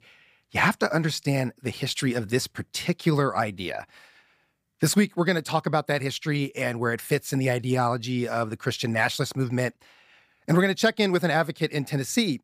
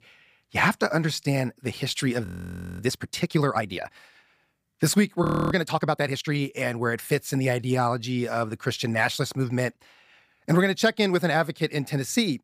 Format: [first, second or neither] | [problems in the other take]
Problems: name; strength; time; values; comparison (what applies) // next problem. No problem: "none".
first | audio freezing; at 2.5 s for 0.5 s and at 5 s